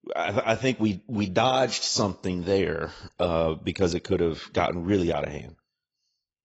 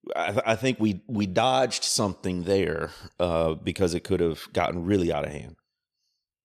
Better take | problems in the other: second | garbled, watery; badly; nothing above 7.5 kHz

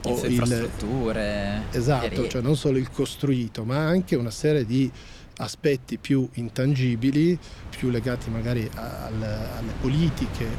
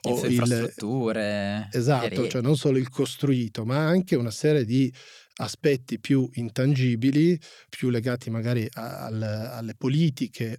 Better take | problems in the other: second | wind noise on the microphone; occasional gusts; 15 dB below the speech

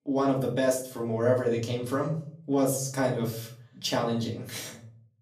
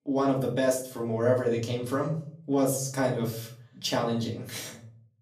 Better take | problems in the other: neither | off-mic speech; far; the same in both // room echo; slight; dies away in 0.5 s; the same in both

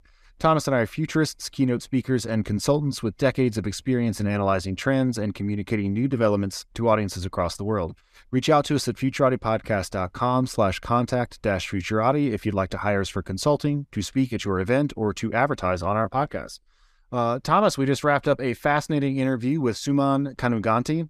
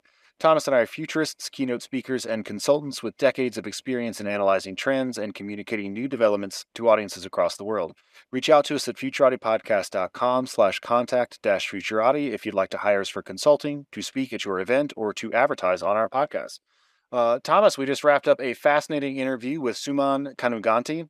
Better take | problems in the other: first | thin; somewhat; fading below 300 Hz

